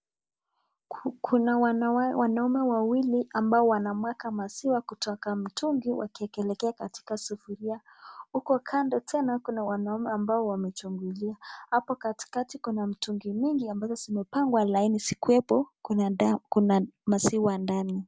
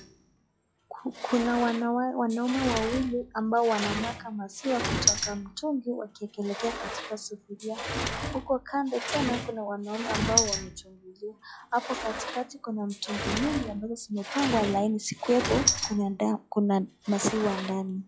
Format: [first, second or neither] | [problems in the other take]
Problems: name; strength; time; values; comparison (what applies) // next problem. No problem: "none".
first | noise reduction (classical method log-MMSE)